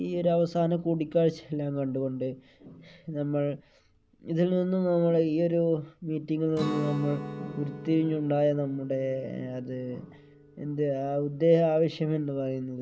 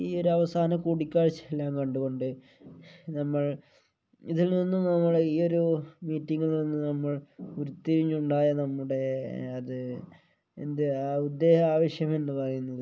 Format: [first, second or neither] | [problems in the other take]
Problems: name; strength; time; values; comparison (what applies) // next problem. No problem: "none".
second | background sound (Guitar); 16 dB below the speech